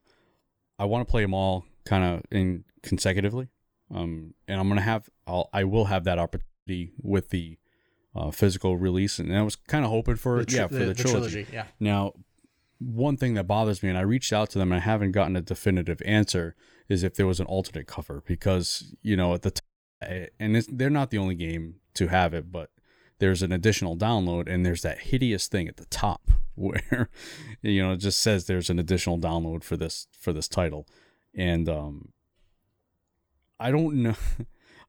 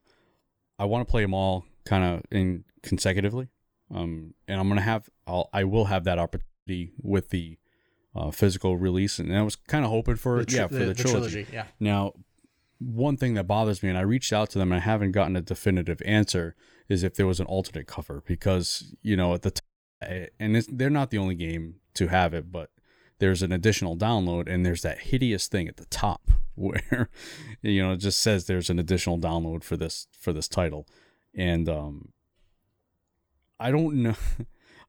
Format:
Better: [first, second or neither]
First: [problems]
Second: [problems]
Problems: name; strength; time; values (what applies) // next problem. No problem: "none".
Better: neither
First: audio cutting out; at 6.5 s and at 20 s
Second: audio cutting out; at 6.5 s and at 20 s